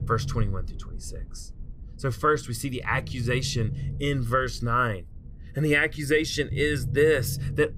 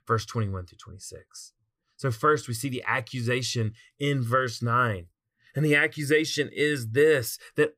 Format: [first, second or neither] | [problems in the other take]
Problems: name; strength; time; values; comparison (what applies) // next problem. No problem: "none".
second | low rumble; faint; throughout; 20 dB below the speech